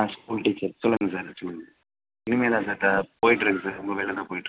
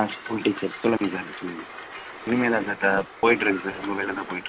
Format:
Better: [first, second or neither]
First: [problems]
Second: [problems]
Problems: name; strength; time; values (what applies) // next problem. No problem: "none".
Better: first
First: none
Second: background sound (Train); 14 dB below the speech